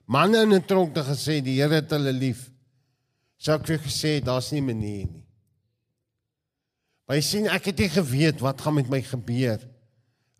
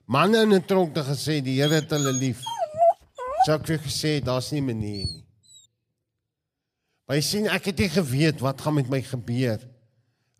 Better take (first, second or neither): first